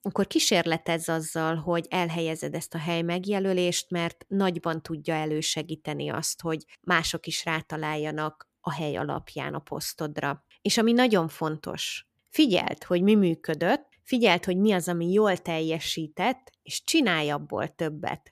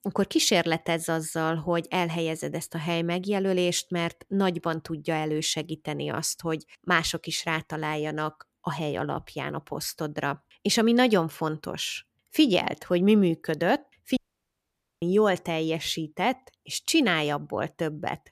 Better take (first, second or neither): first